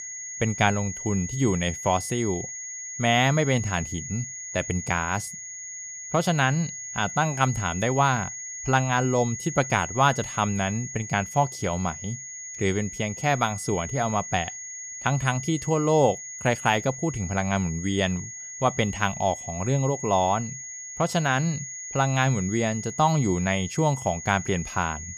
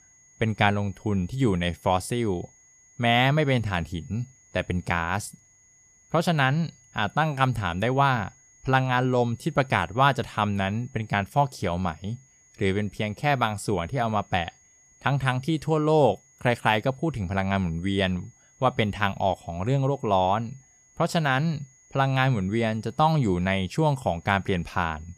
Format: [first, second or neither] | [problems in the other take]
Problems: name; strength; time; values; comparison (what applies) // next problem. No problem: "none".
second | high-pitched whine; loud; throughout; 6.5 kHz, 9 dB below the speech; faint in the second